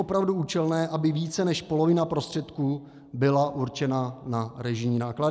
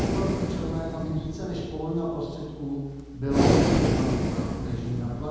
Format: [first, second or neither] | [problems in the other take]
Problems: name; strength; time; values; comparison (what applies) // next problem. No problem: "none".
first | background sound (Breathing); 4 dB above the speech // room echo; dies away in 1.2 s